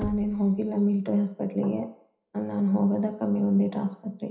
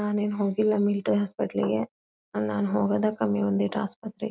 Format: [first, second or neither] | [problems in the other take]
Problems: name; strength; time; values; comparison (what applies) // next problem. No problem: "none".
second | background sound (Knock / Wood); 16 dB below the speech // room echo; dies away in 0.5 s